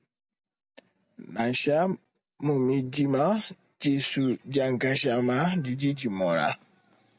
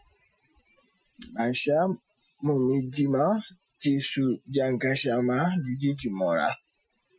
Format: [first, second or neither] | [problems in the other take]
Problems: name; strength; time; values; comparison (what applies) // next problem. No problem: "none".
first | noise reduction (classical method Wiener filter)